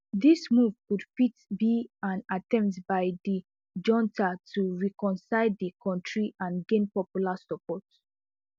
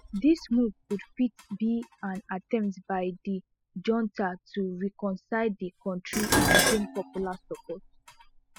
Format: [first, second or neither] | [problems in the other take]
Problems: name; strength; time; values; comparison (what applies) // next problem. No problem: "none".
first | noise reduction (classical method spectral subtraction)